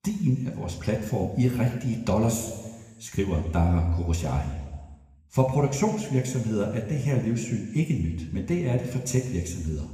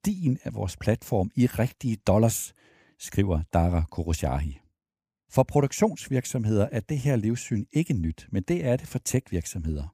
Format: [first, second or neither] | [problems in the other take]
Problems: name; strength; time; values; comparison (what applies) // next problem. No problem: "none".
second | room echo; slight; dies away in 1.3 s // off-mic speech; somewhat distant